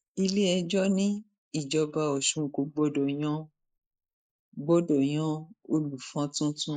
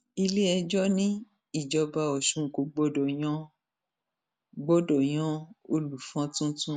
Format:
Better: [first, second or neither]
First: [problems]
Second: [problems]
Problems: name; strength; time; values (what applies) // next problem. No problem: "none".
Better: second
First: noise reduction (neural mask model Resemble Enhance denoiser)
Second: none